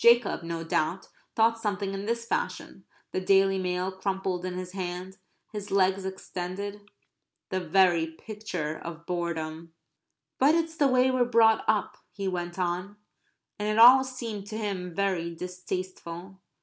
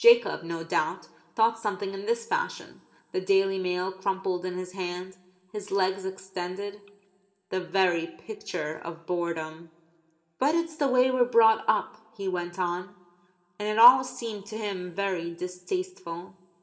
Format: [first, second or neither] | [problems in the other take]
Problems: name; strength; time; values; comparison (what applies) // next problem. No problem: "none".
first | room echo; dies away in 1 s